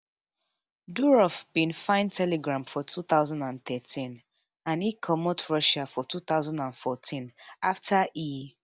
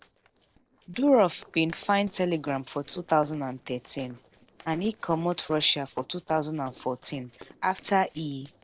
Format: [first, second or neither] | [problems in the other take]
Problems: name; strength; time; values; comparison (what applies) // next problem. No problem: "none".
first | noise reduction (neural separator model SepFormer DNS4)